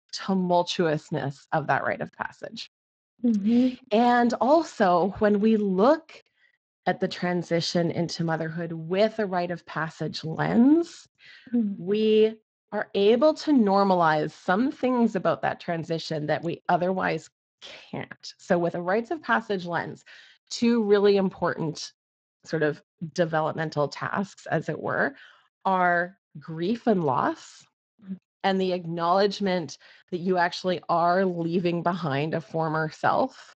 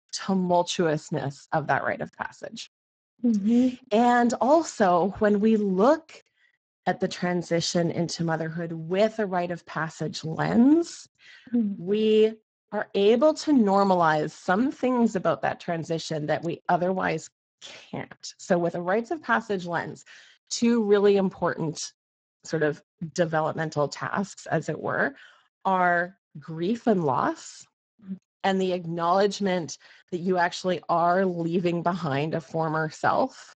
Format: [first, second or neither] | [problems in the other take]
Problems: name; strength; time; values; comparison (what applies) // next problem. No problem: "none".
first | garbled, watery; badly; nothing above 7.5 kHz; slightly in the first